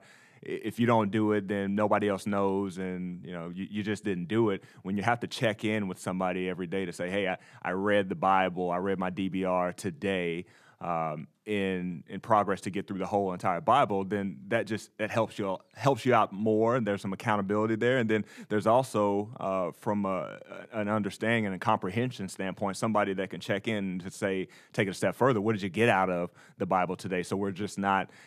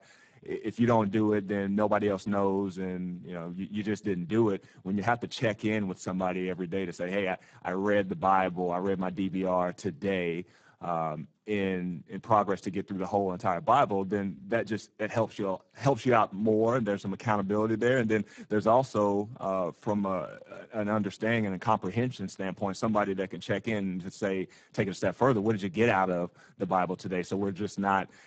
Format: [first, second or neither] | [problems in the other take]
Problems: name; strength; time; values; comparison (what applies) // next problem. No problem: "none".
first | garbled, watery; badly; nothing above 7.5 kHz